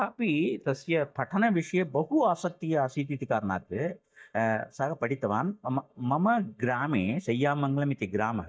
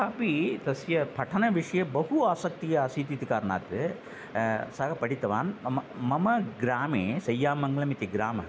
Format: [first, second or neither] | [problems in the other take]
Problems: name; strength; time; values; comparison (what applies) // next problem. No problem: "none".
second | noise reduction (neural mask model DeepFilterNet 3)